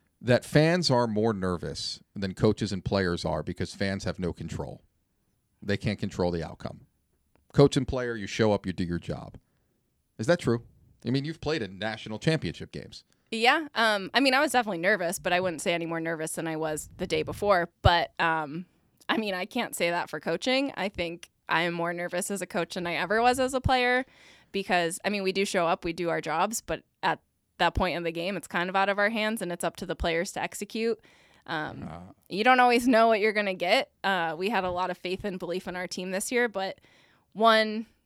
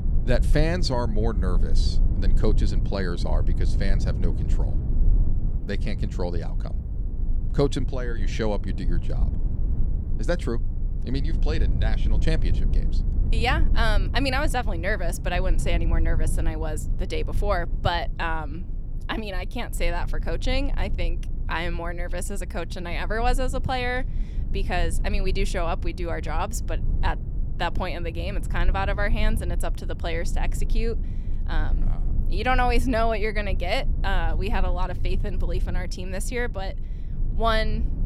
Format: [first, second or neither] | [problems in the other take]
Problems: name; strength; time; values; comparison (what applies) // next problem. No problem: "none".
first | low rumble; noticeable; throughout; 15 dB below the speech